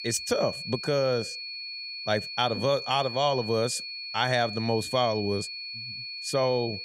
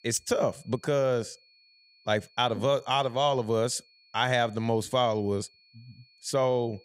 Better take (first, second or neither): second